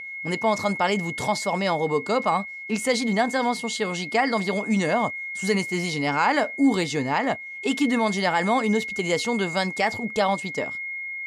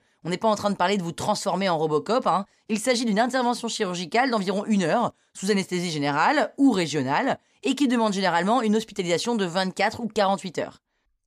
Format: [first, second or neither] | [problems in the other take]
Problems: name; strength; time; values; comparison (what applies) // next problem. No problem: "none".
second | high-pitched whine; loud; throughout; 2 kHz, 7 dB below the speech